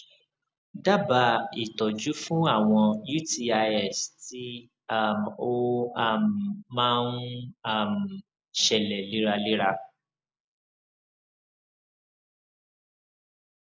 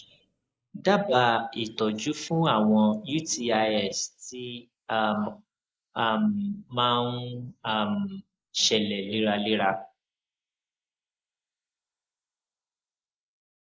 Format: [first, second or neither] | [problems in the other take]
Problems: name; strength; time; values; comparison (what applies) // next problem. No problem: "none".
first | noise reduction (neural mask model Resemble Enhance denoiser)